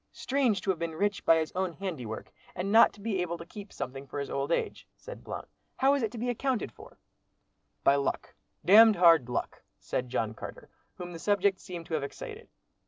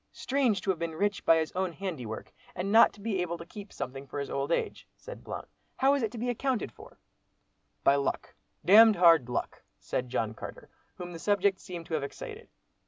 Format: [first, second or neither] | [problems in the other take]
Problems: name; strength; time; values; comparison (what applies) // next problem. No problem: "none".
second | noise reduction (neural separator model SepFormer DNS4)